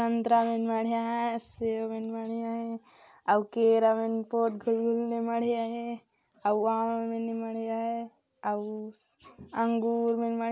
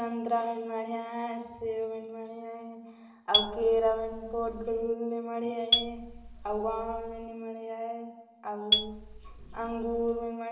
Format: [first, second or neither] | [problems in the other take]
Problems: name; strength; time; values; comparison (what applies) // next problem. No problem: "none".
first | background sound (Marimba, xylophone); as loud as the speech // room echo; dies away in 1.2 s